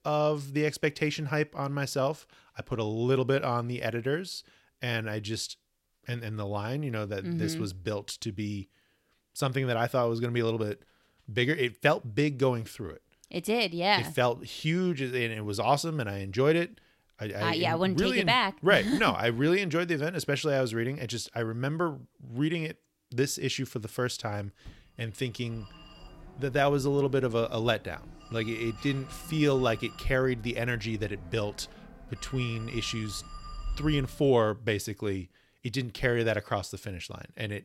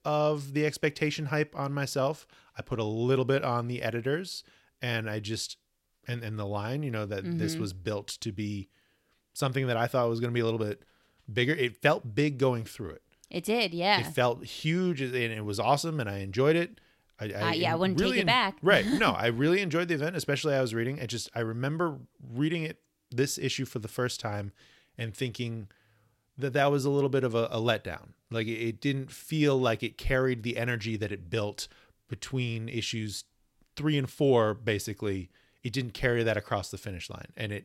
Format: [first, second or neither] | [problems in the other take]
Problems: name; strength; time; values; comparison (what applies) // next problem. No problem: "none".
second | phone ringing; faint; from 25 to 34 s; peak 10 dB below the speech